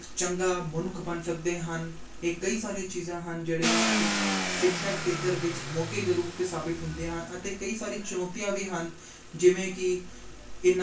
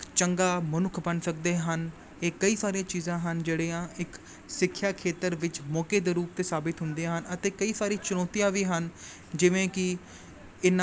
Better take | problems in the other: second | background sound (Car); 5 dB below the speech // room echo; dies away in 0.2 s

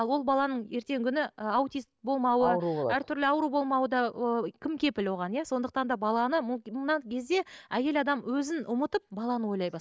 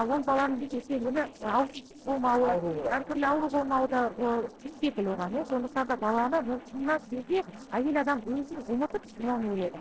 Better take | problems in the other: first | noise reduction (neural separator model SepFormer DNS4)

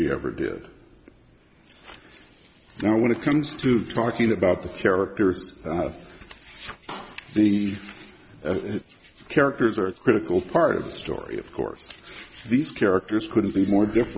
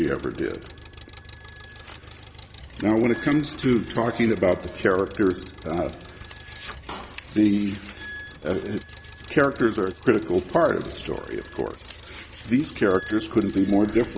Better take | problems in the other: first | background sound (Engine + Wind instrument, woodwind instrument); 18 dB below the speech

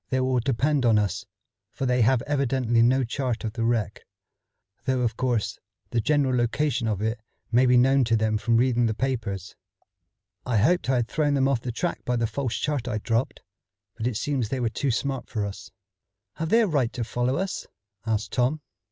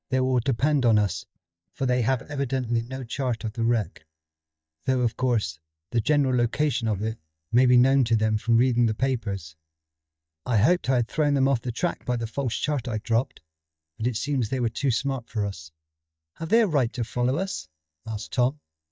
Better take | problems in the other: first | noise reduction (neural mask model DeepFilterNet 3)

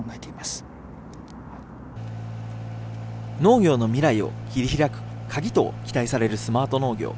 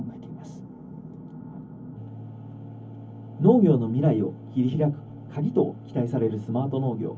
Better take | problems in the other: first | room echo; dies away in 0.3 s

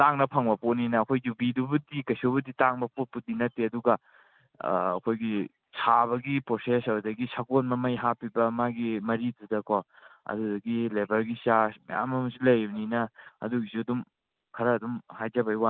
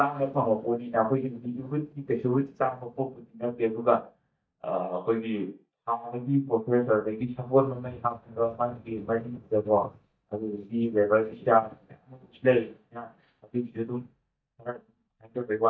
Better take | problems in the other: first | noise reduction (neural mask model DeepFilterNet 3)

